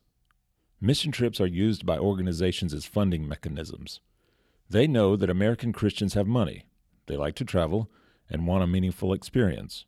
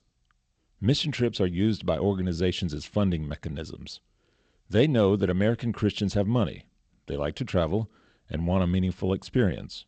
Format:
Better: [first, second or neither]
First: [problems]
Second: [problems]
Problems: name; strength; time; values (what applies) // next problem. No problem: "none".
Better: first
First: none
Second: garbled, watery; slightly; nothing above 7.5 kHz